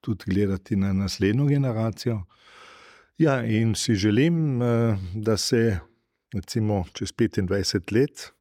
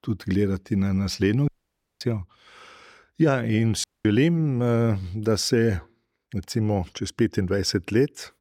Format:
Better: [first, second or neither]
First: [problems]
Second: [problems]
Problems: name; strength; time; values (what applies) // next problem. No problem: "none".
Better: first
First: none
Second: audio cutting out; at 1.5 s for 0.5 s and at 4 s